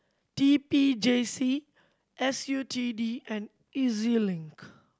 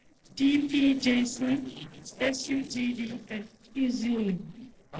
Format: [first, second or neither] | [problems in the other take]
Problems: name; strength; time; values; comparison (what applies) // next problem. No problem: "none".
first | noise reduction (neural separator model SepFormer DNS4)